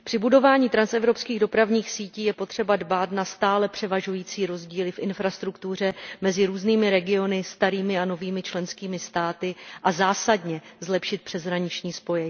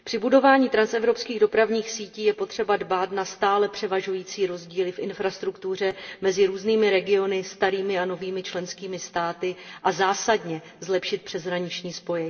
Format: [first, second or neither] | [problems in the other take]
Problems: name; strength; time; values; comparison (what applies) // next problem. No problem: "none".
first | room echo; dies away in 0.7 s